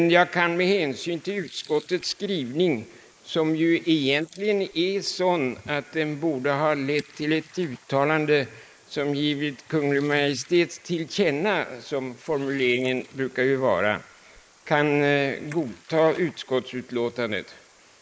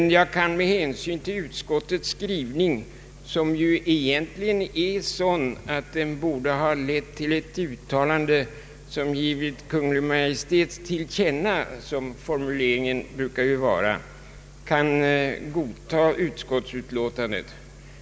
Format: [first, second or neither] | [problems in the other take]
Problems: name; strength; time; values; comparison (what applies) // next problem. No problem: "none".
second | noise reduction (neural mask model Resemble Enhance denoiser)